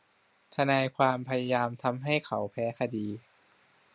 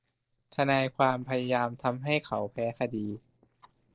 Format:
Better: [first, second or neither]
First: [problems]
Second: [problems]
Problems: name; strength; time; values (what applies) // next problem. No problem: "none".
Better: first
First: none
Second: noise reduction (neural separator model SepFormer DNS4)